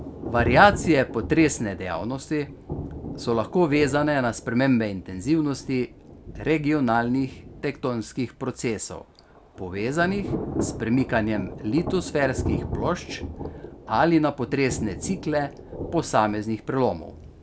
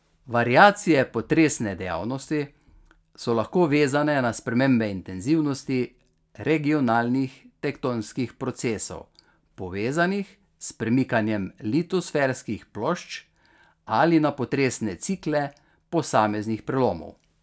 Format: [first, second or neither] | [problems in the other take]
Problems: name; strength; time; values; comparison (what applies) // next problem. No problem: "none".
second | background sound (Thunder / Rain); 10 dB below the speech